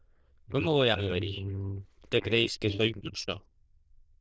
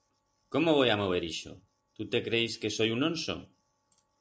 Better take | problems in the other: second | noise reduction (neural diffusion model UNIVERSE++)

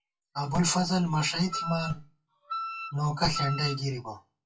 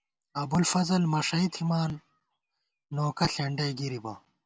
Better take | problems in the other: second | noise reduction (classical method WPE with log-MMSE)

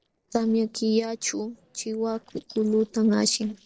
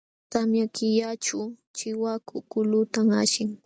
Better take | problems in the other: second | noise reduction (neural separator model SepFormer DNS4)

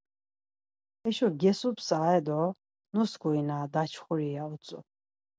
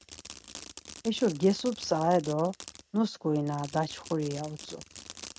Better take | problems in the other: first | background sound (Fireworks); 16 dB below the speech

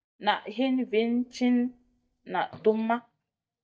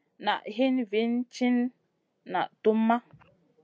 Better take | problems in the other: second | noise reduction (neural mask model DeepFilterNet 3)

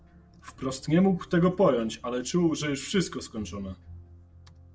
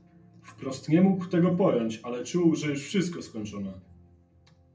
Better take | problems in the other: first | room echo; dies away in 0.3 s

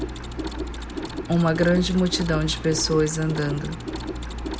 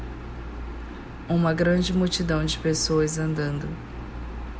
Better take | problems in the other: second | background sound (Mechanisms); 11 dB below the speech

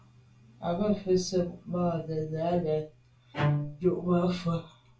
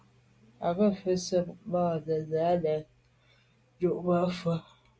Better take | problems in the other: second | background sound (Bowed string instrument); 3 dB below the speech // room echo; dies away in 0.2 s

